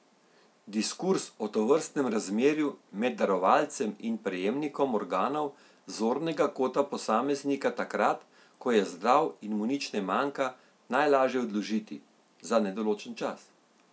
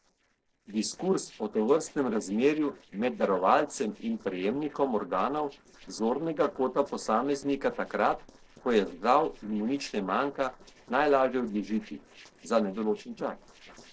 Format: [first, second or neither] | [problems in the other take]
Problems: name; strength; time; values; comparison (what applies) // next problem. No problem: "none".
first | noise reduction (neural separator model SepFormer DNS4)